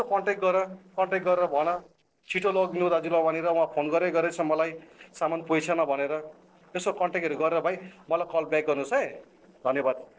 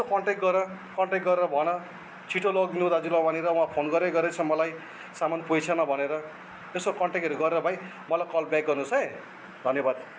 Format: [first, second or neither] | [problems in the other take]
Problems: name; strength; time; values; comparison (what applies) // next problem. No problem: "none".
second | noise reduction (neural separator model SepFormer DNS4)